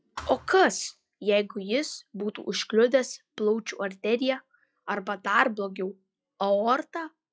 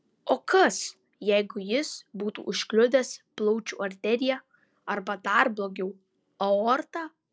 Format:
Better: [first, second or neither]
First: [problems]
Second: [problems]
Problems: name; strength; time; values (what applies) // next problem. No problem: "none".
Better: second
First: noise reduction (classical method log-MMSE)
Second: none